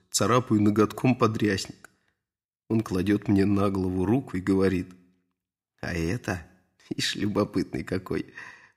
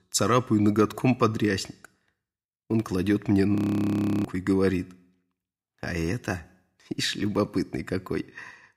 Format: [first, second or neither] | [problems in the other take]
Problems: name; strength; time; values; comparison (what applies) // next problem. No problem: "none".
first | audio freezing; at 3.5 s for 0.5 s